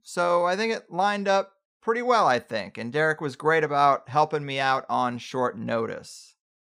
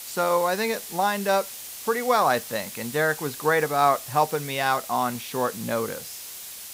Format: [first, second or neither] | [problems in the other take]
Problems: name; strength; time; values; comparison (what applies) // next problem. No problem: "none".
first | hiss; noticeable; throughout; 10 dB below the speech